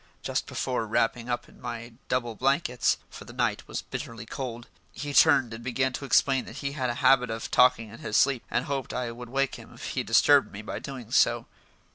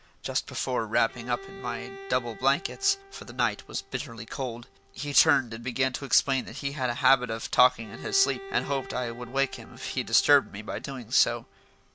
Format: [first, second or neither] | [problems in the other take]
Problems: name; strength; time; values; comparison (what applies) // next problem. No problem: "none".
first | background sound (Bowed string instrument); 18 dB below the speech